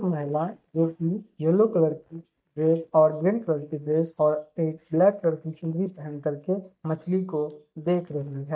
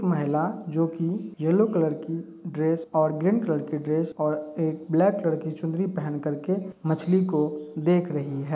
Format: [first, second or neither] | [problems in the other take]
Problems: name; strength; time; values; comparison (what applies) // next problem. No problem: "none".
second | noise reduction (neural mask model DeepFilterNet 3)